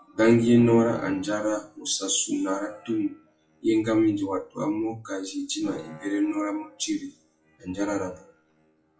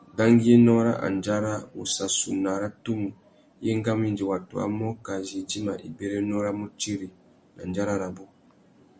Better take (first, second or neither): second